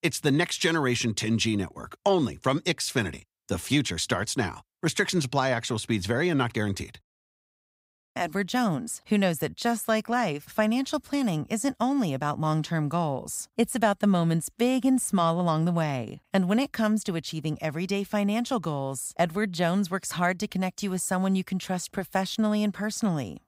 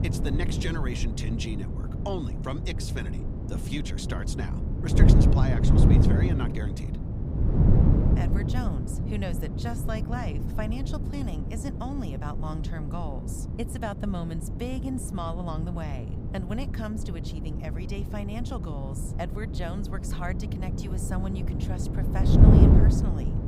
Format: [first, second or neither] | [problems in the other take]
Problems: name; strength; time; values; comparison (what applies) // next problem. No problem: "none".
first | wind noise on the microphone; heavy; 1 dB above the speech